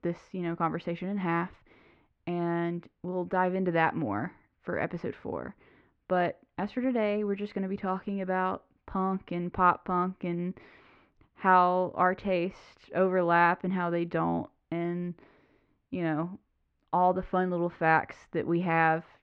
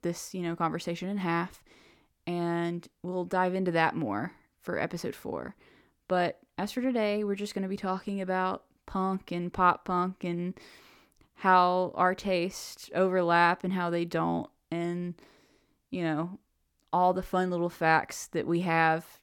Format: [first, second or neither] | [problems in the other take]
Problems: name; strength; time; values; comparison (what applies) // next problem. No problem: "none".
second | muffled; very; fading above 2.5 kHz